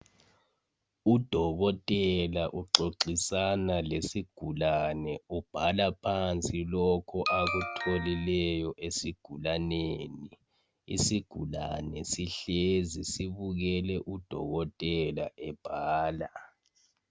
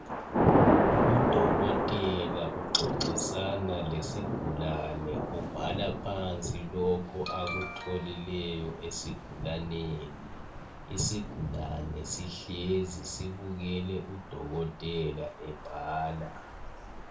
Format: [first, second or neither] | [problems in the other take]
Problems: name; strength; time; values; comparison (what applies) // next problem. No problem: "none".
first | background sound (Thunder / Rain); 2 dB above the speech // room echo; dies away in 0.3 s